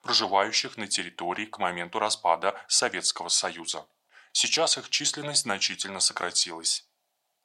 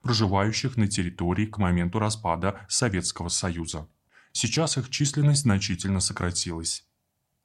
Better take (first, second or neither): second